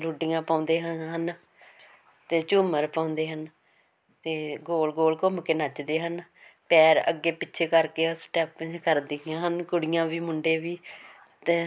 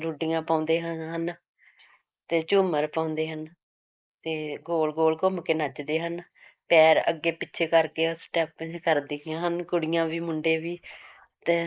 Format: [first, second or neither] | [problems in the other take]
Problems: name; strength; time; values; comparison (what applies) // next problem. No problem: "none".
first | noise reduction (neural mask model Resemble Enhance denoiser)